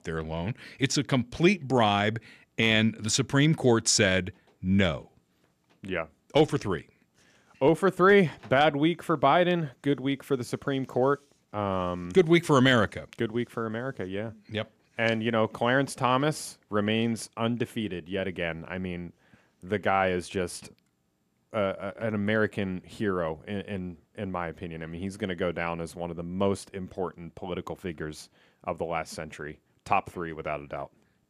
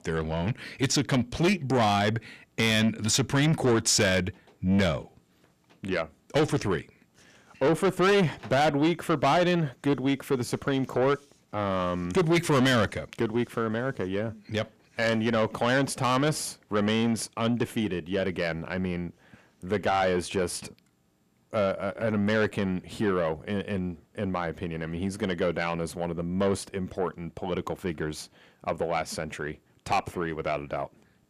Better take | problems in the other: first | distortion; heavy; 8 dB below the speech

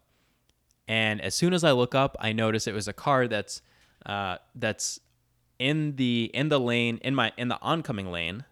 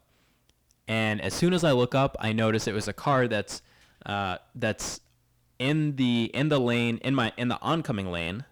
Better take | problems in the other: first | distortion; slight; 9 dB below the speech

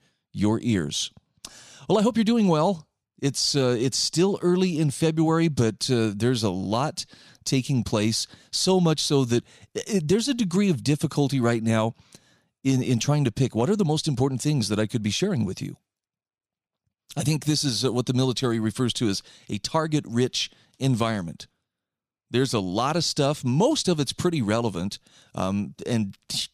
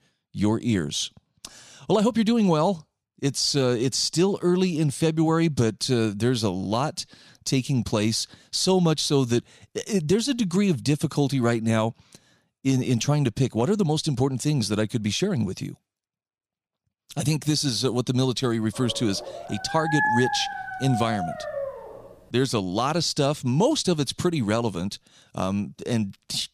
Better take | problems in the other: first | dog barking; loud; from 19 to 22 s; peak 1 dB above the speech

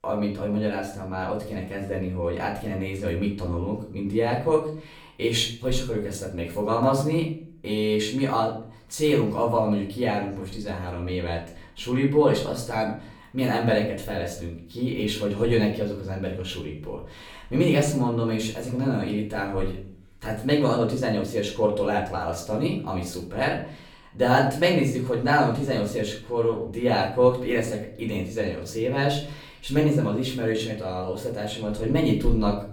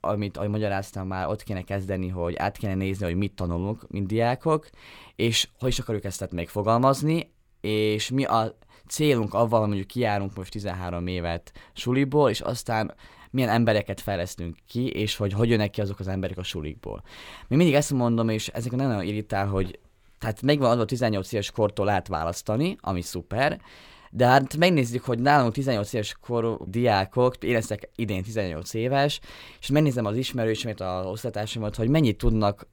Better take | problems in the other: second | off-mic speech; far // room echo; slight; dies away in 0.4 s

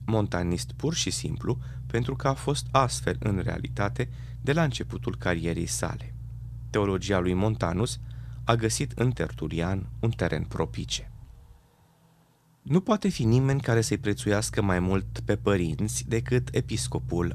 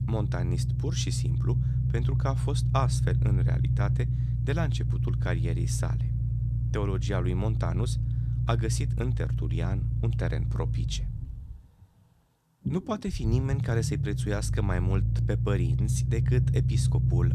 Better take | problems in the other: first | low rumble; loud; throughout; 5 dB below the speech; faint in the first

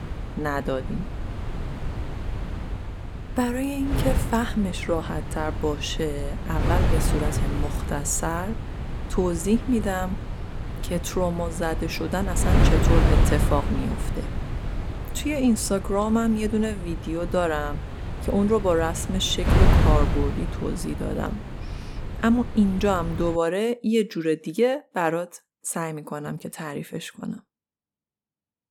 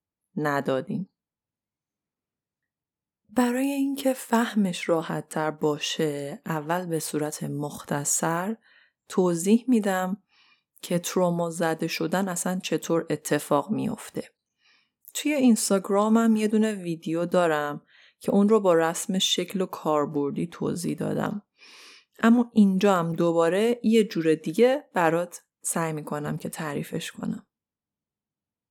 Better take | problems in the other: second | wind noise on the microphone; heavy; until 23 s; 7 dB below the speech

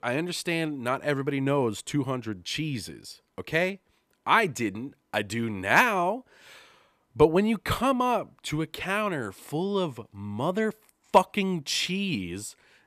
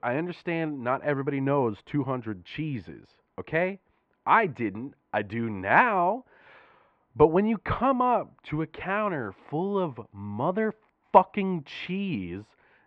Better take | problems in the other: first | muffled; very; fading above 2 kHz

